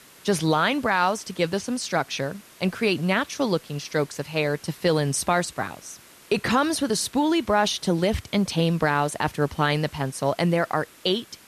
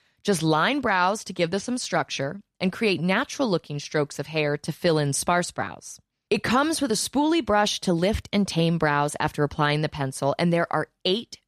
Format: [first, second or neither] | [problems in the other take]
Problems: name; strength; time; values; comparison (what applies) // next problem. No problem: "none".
second | hiss; faint; throughout; 25 dB below the speech